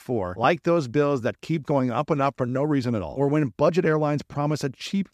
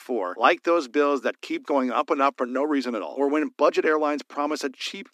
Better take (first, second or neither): first